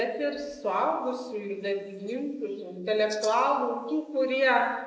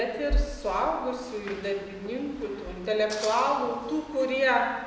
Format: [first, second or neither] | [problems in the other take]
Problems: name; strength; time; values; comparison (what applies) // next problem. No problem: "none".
second | noise reduction (neural mask model Resemble Enhance denoiser)